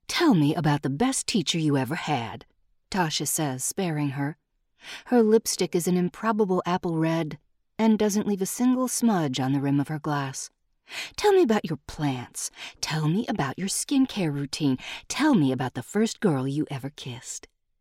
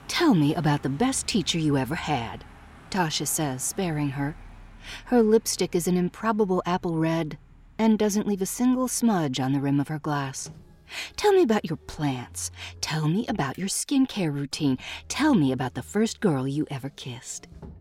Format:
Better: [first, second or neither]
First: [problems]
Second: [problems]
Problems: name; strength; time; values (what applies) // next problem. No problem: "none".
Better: first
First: none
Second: traffic noise; faint; throughout; 25 dB below the speech